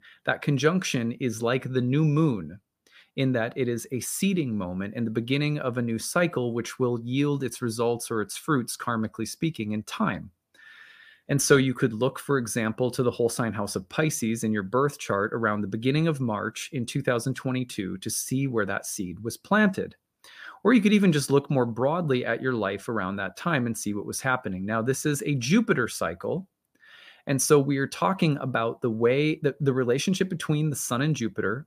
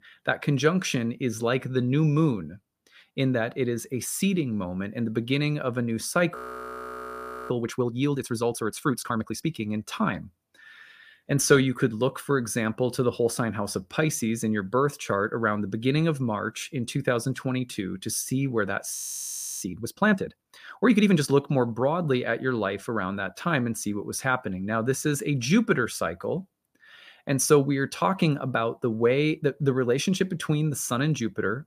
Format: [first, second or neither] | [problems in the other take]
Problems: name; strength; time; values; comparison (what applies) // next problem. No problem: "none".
first | audio freezing; at 6.5 s for 1 s and at 19 s for 0.5 s